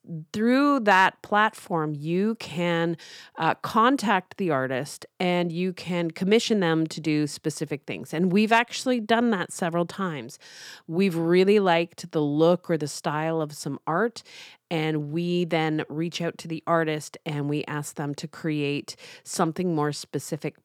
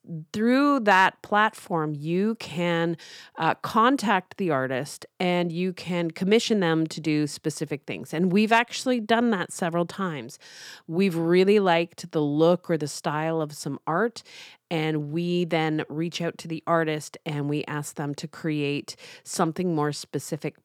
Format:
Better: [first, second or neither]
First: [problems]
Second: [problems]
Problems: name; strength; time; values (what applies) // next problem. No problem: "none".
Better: neither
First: none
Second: none